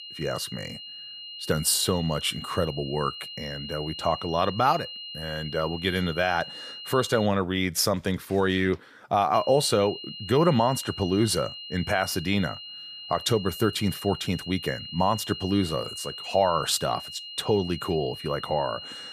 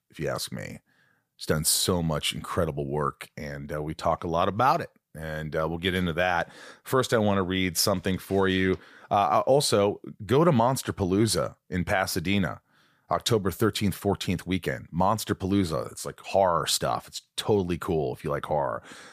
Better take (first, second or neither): second